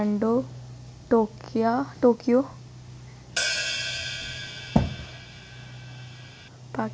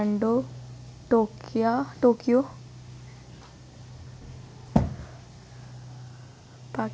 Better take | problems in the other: second | background sound (Hi-hat); 6 dB below the speech

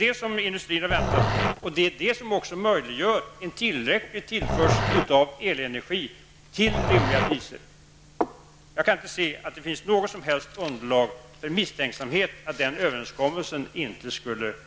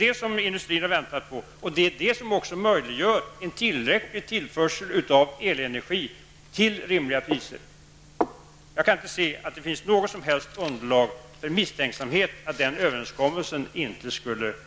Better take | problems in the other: second | background sound (Growling); 2 dB above the speech

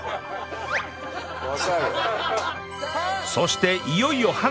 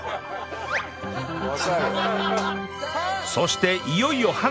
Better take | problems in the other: first | background sound (Organ); 10 dB below the speech

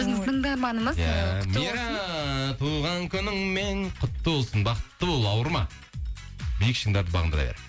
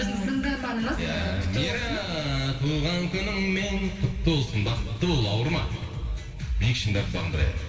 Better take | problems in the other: first | room echo; dies away in 2.5 s

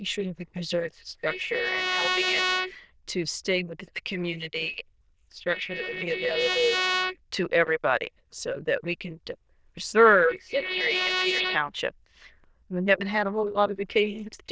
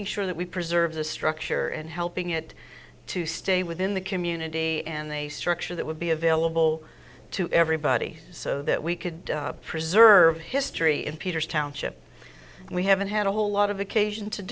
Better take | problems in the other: second | noise reduction (neural diffusion model UNIVERSE++)

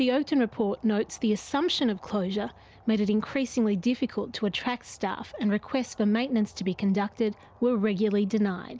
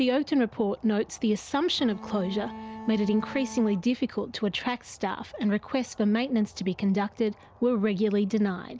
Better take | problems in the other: first | background sound (Bowed string instrument); 14 dB below the speech

